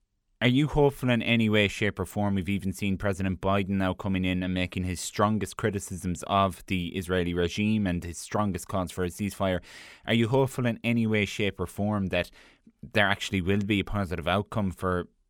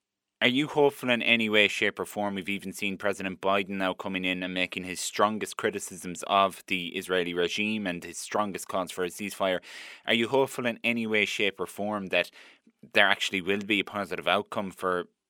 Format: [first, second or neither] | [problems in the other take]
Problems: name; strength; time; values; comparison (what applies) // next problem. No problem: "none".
first | thin; somewhat; fading below 300 Hz